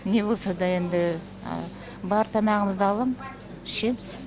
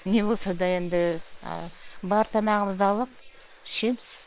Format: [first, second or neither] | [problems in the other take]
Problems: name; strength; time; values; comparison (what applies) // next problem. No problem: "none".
first | noise reduction (neural separator model SepFormer WHAM!)